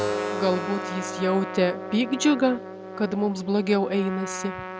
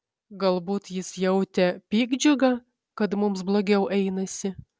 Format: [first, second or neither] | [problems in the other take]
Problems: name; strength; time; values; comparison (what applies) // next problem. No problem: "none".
second | background sound (Keyboard (musical) + Trumpet); 7 dB below the speech